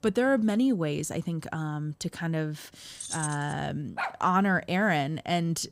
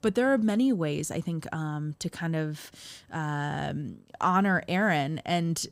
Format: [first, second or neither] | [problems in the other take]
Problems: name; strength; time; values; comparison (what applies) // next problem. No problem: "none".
second | jangling keys; noticeable; at 3 s; peak 6 dB below the speech // dog barking; noticeable; at 4 s; peak 6 dB below the speech